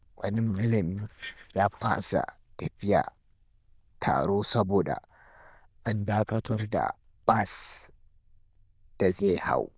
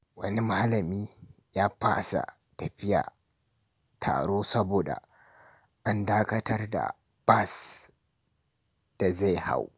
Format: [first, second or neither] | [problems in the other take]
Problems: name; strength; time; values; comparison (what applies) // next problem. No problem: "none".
second | noise reduction (neural diffusion model UNIVERSE++)